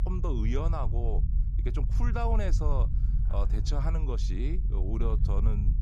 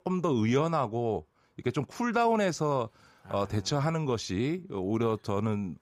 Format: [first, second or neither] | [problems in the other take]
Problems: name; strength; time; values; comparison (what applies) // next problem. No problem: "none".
second | low rumble; loud; throughout; 9 dB below the speech